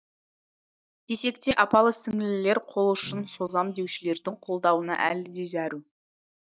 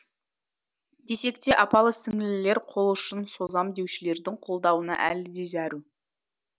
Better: second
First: noise reduction (neural mask model DeepFilterNet 3)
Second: none

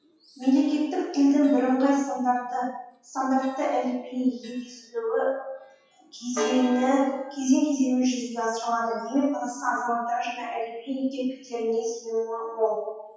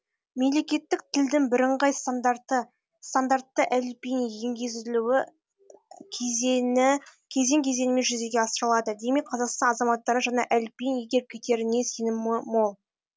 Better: second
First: noise reduction (classical method WPE with log-MMSE)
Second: none

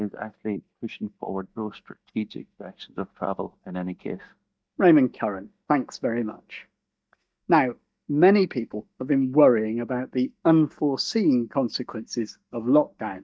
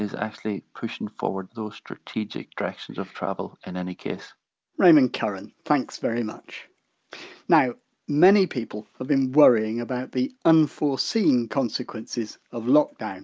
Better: second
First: noise reduction (neural mask model DeepFilterNet 3)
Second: none

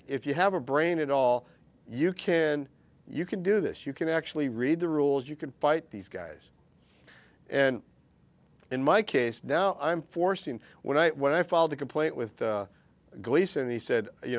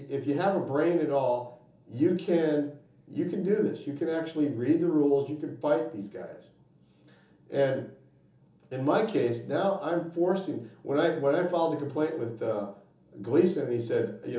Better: first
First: none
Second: room echo; dies away in 1.2 s

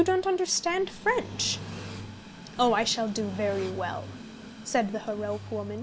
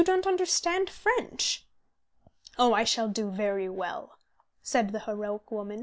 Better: second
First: background sound (Train + Engine); 12 dB below the speech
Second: none

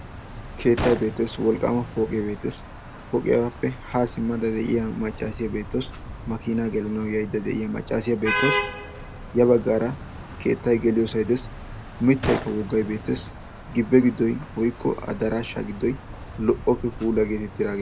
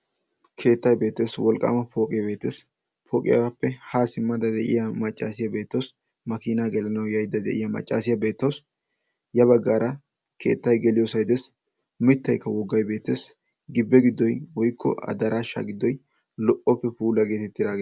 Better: second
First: background sound (Gunshot, gunfire + Traffic noise, roadway noise / Vehicle horn, car horn, honking); 10 dB below the speech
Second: none

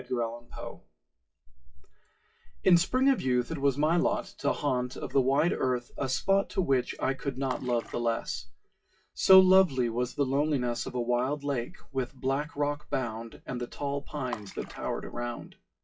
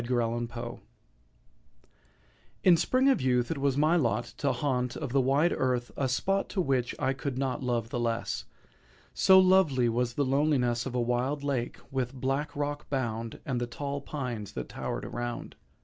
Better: second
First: noise reduction (classical method WPE with log-MMSE)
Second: none

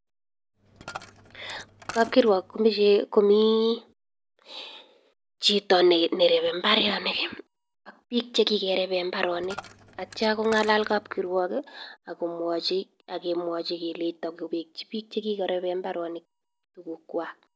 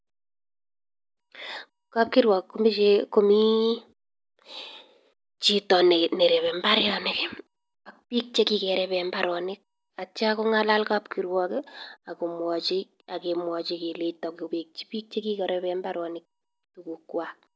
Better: second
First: background sound (Coin (dropping)); 18 dB below the speech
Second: none

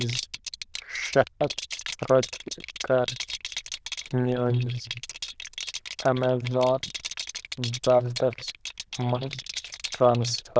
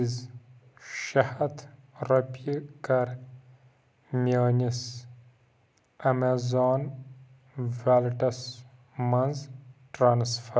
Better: second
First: noise reduction (neural diffusion model UNIVERSE++)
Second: none

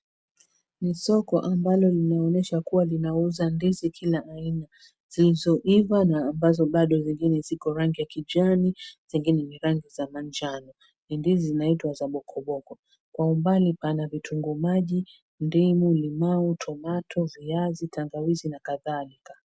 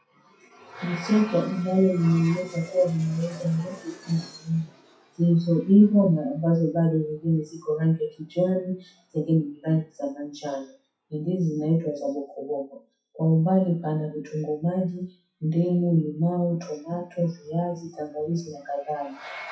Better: first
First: none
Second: noise reduction (classical method WPE with log-MMSE)

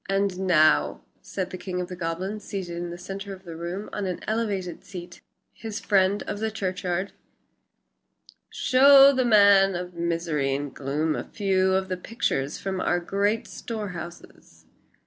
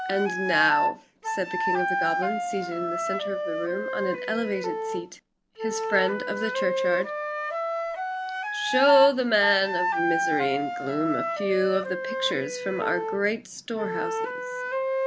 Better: first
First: none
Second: background sound (Wind instrument, woodwind instrument); 1 dB below the speech

